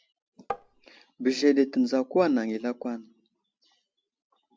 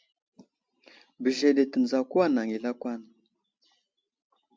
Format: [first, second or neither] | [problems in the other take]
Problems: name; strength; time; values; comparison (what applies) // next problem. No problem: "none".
second | background sound (Tap); 8 dB below the speech